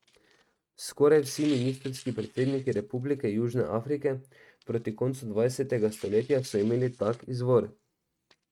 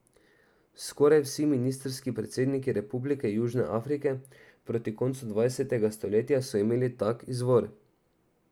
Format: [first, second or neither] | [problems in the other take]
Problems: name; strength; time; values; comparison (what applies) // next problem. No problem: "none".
second | noise reduction (neural mask model RNNoise)